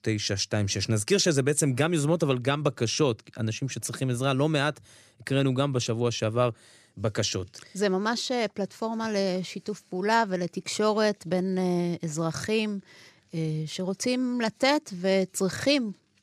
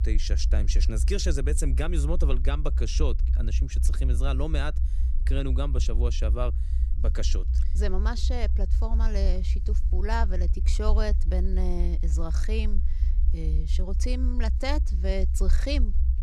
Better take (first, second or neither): first